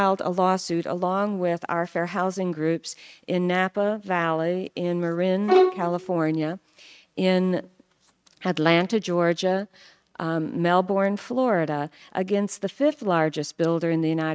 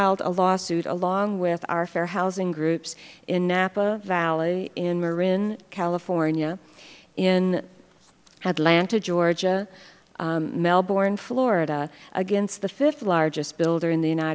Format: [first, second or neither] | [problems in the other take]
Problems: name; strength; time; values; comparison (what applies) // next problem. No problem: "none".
second | noise reduction (neural mask model RNNoise)